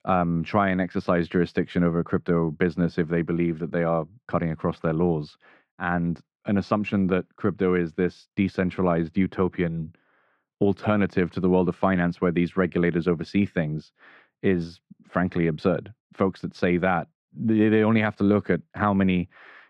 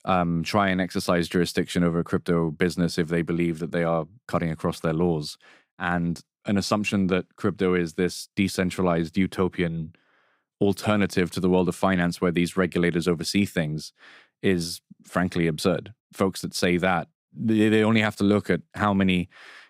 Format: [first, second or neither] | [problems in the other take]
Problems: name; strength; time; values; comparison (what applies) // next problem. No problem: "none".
second | muffled; very; fading above 2 kHz